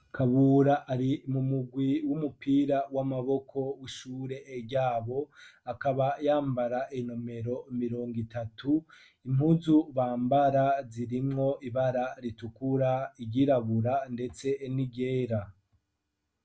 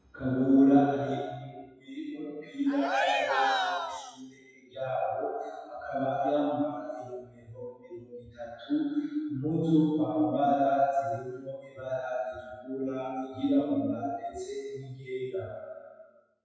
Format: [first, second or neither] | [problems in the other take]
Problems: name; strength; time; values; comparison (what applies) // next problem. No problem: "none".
first | noise reduction (classical method WPE with log-MMSE)